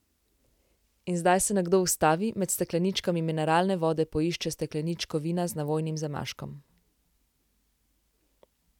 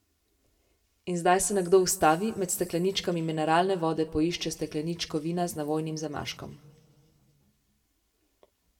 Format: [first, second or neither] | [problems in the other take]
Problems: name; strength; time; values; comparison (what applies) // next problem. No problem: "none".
first | room echo; dies away in 1.5 s